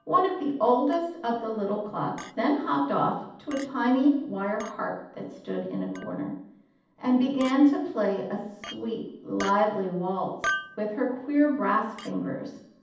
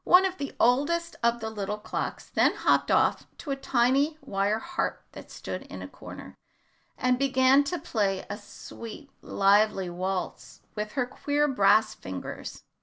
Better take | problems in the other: second | background sound (Chink, clink); 16 dB below the speech // room echo; dies away in 0.8 s

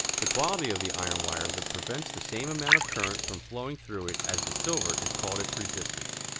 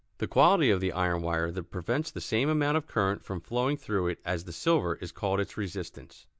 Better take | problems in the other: second | background sound (Liquid + Tools); 4 dB above the speech

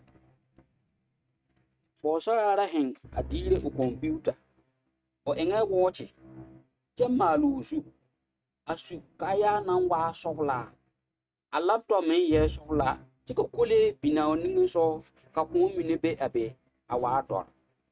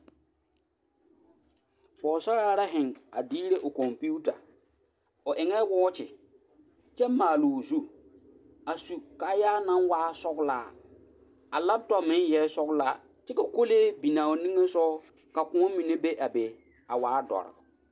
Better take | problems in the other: second | noise reduction (neural mask model RNNoise)

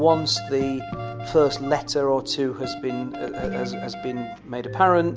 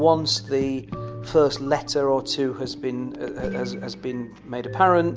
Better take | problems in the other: second | background sound (Wind instrument, woodwind instrument); 13 dB below the speech

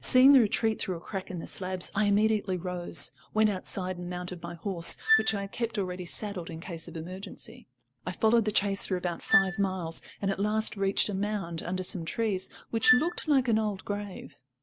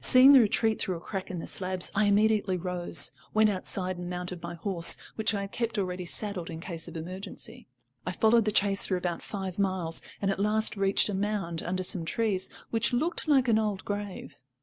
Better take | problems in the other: second | background sound (Wind instrument, woodwind instrument); 3 dB below the speech

